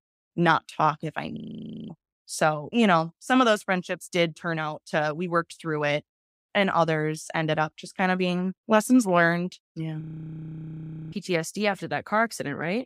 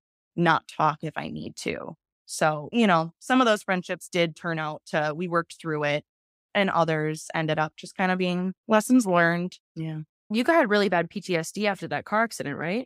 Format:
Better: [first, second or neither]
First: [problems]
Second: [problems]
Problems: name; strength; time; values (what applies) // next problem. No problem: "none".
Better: second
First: audio freezing; at 1.5 s for 0.5 s and at 10 s for 1 s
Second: none